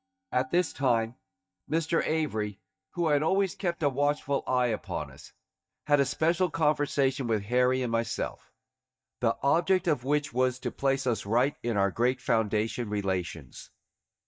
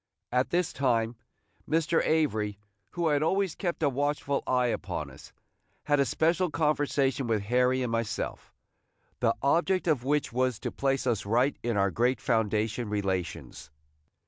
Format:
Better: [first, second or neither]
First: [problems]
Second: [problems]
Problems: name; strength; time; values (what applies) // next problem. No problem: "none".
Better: second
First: noise reduction (neural mask model DeepFilterNet 3)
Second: none